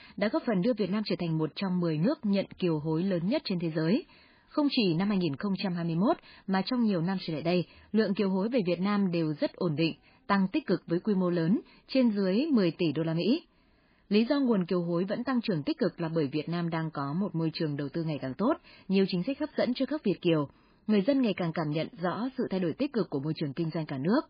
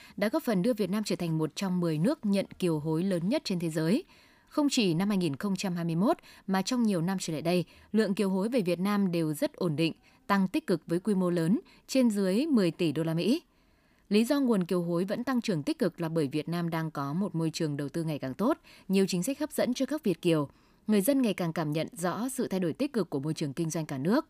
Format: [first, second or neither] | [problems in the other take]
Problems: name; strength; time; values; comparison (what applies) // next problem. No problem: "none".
second | garbled, watery; badly; nothing above 5 kHz